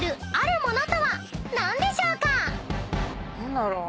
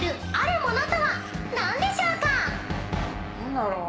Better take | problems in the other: first | background sound (Wind instrument, woodwind instrument); 14 dB below the speech // room echo; dies away in 2.1 s

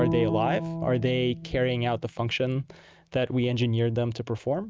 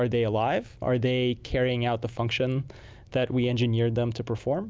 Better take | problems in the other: second | noise reduction (neural mask model RNNoise)

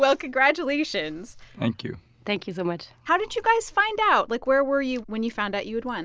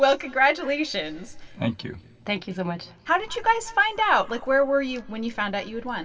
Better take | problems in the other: first | room echo; dies away in 2.8 s

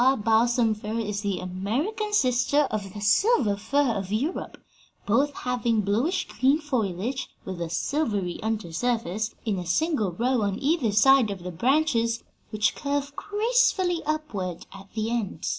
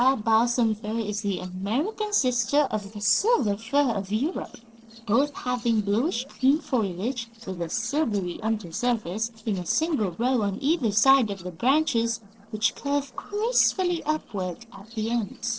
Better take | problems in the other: first | noise reduction (neural separator model SepFormer DNS4)

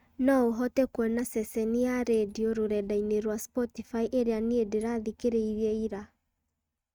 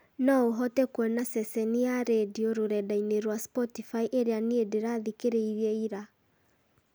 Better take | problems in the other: second | noise reduction (neural mask model RNNoise)

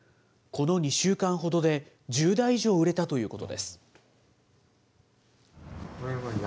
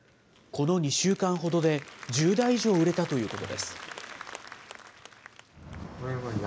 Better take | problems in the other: first | background sound (Applause); 16 dB below the speech

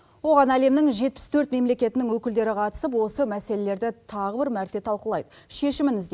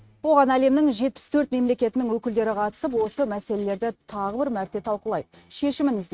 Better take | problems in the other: first | noise reduction (neural mask model RNNoise)

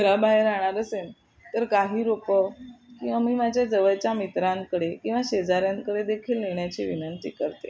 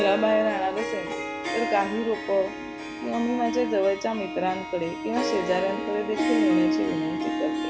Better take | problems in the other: first | background sound (Harp); 2 dB below the speech

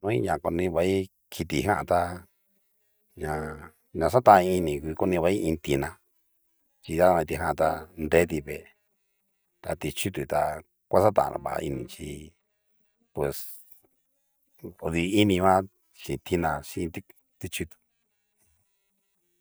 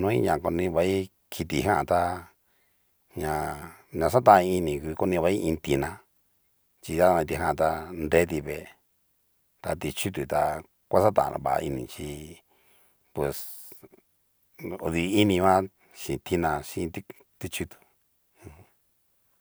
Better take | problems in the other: second | noise reduction (neural mask model DeepFilterNet 3)

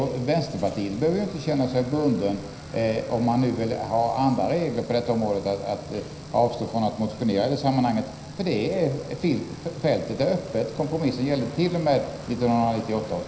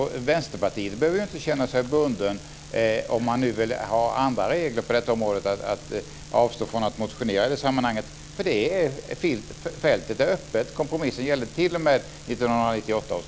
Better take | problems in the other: second | background sound (Bicycle); 19 dB below the speech // room echo; dies away in 0.9 s

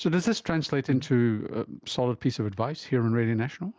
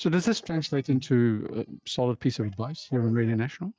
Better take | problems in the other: first | noise reduction (neural mask model DeepFilterNet 3)

